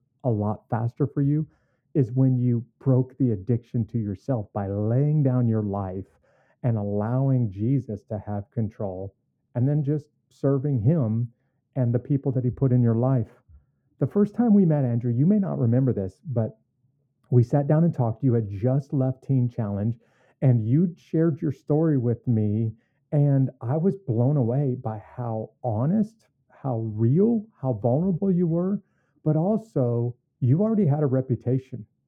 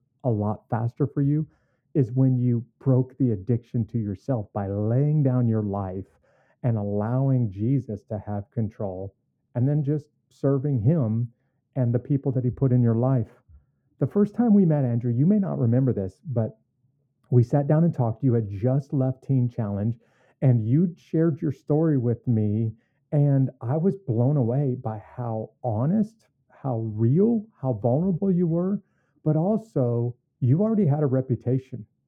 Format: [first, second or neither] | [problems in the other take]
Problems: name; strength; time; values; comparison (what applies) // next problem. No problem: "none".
neither | muffled; very; fading above 1.5 kHz; the same in both